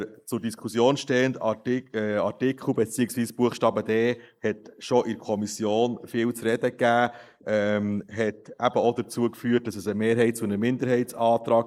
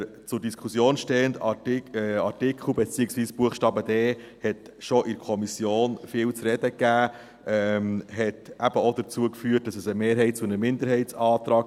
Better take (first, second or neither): second